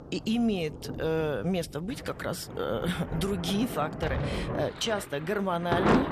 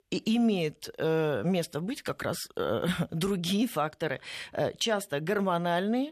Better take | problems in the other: second | rain or running water; loud; throughout; 4 dB below the speech

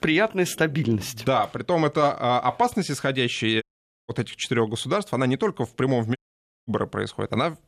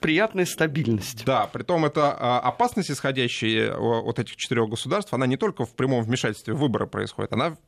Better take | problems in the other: second | audio cutting out; at 3.5 s and at 6 s for 0.5 s

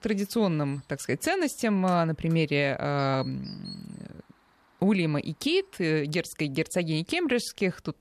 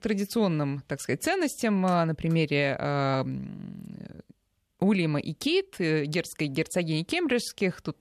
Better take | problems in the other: second | animal sounds; faint; throughout; 25 dB below the speech

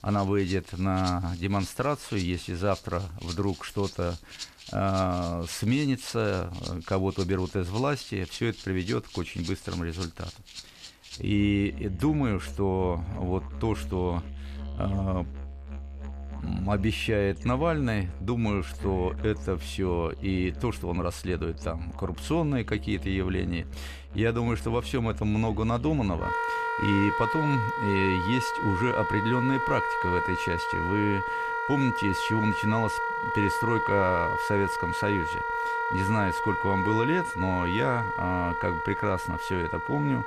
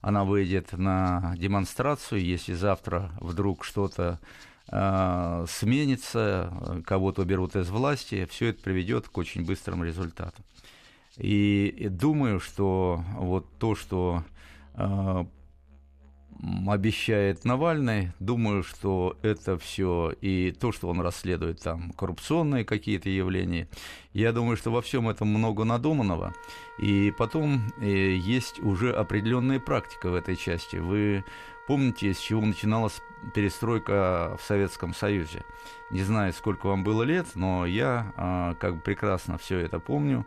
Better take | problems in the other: second | background music; loud; throughout; 4 dB below the speech; faint in the second

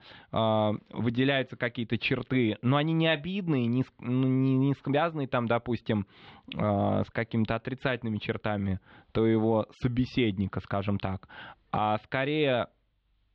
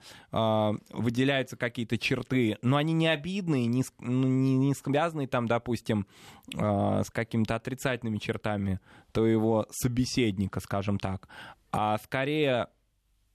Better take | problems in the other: second | muffled; slightly; fading above 4 kHz

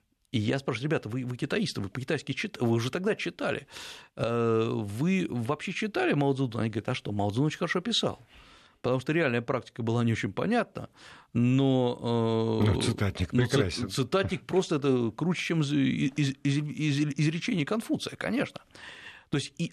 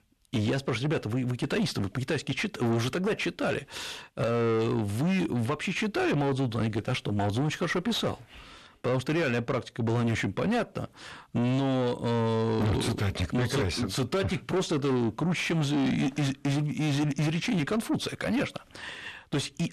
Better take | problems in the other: first | distortion; heavy; 8 dB below the speech

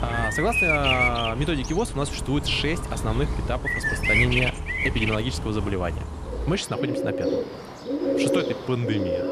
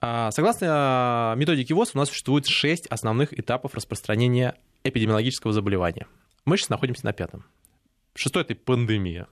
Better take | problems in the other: second | animal sounds; very loud; throughout; 1 dB above the speech

